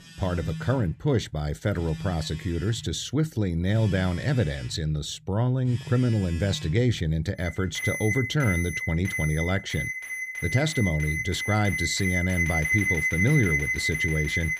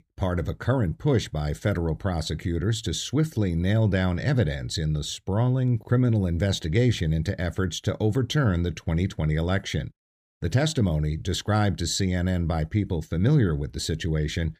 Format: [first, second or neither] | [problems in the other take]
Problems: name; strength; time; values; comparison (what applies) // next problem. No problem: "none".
second | alarms or sirens; loud; throughout; 2 dB below the speech